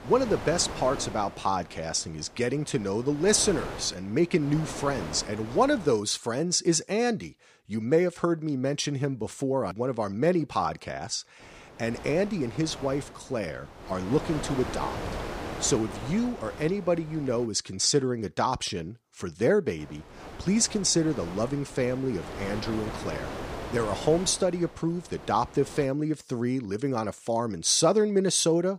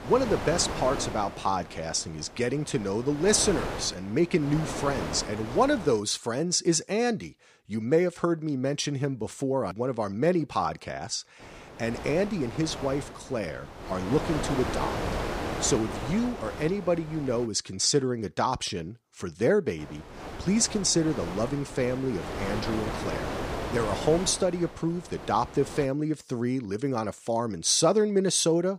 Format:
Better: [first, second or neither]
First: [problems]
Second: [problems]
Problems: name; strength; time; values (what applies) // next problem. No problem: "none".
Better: first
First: wind noise on the microphone; occasional gusts; until 6 s, from 11 to 17 s and from 20 to 26 s; 10 dB below the speech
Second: wind noise on the microphone; heavy; until 6 s, from 11 to 17 s and from 20 to 26 s; 7 dB below the speech